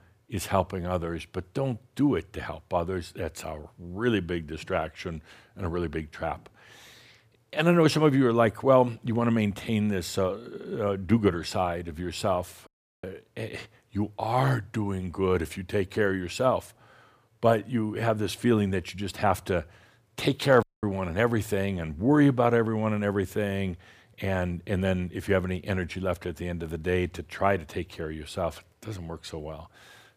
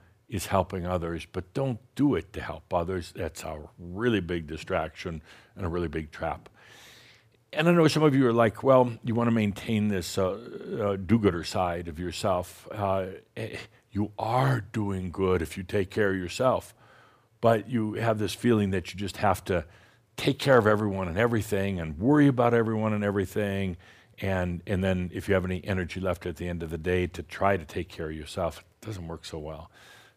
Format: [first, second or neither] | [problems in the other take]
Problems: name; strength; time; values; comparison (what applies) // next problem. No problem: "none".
second | audio cutting out; at 13 s and at 21 s